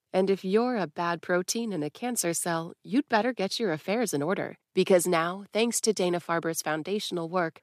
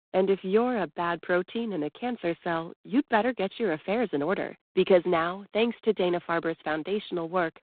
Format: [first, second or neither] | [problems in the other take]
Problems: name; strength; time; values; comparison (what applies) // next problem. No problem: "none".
first | phone-call audio; poor line; nothing above 4 kHz